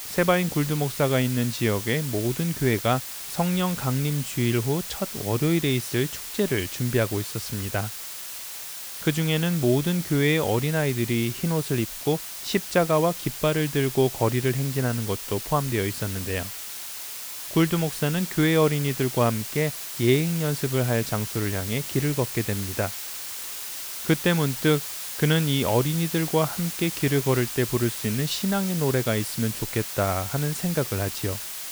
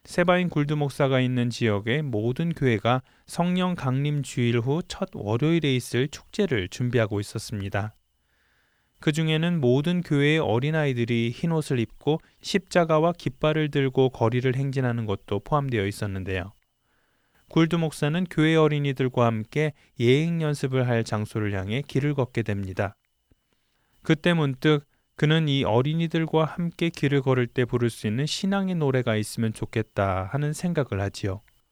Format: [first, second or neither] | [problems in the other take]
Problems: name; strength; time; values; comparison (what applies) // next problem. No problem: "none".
second | hiss; loud; throughout; 7 dB below the speech